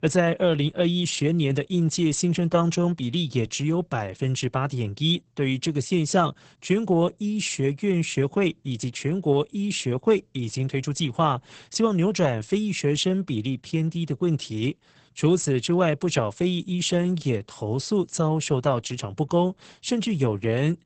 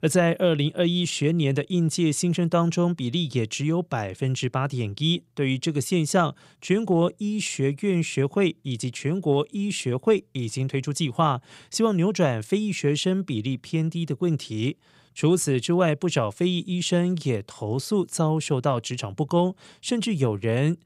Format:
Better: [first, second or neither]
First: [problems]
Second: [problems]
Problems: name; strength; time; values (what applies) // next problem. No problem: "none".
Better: second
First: garbled, watery; badly; nothing above 8 kHz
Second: none